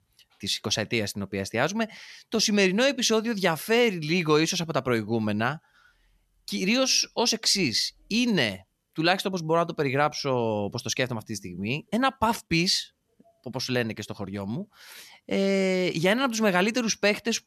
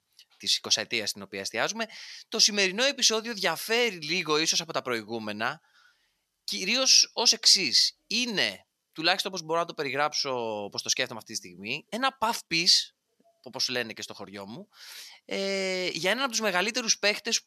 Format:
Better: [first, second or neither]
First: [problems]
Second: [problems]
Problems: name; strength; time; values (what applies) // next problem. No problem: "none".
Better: first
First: none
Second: thin; very slightly; fading below 600 Hz